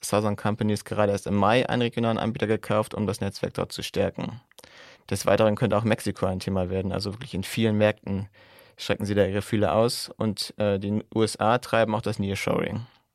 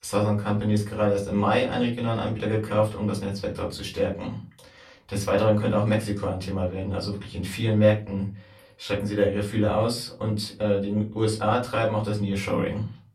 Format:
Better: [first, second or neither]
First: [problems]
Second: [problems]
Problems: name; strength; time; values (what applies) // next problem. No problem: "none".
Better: first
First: none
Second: off-mic speech; far // room echo; very slight; dies away in 0.3 s